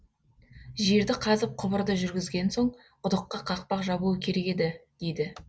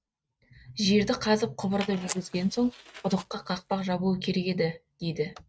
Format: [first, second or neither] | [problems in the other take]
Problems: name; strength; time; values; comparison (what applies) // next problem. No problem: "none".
first | noise reduction (neural mask model RNNoise)